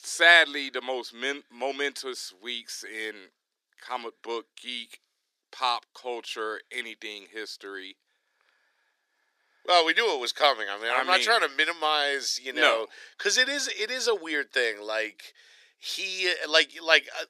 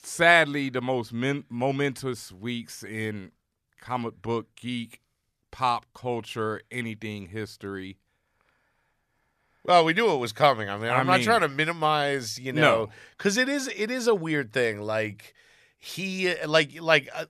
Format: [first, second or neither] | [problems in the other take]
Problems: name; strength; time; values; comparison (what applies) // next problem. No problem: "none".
second | thin; somewhat; fading below 300 Hz